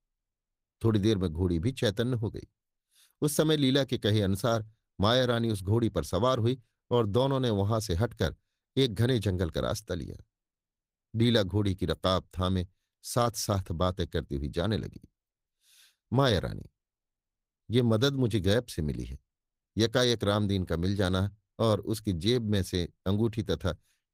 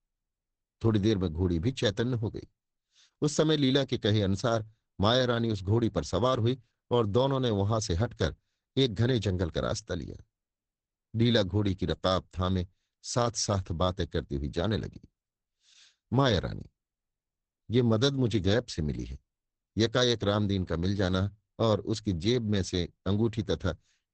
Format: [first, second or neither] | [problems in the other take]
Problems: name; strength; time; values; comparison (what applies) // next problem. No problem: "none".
first | garbled, watery; badly; nothing above 8 kHz; slightly in the first